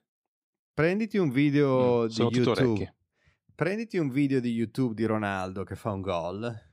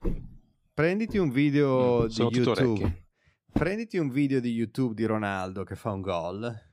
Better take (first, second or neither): first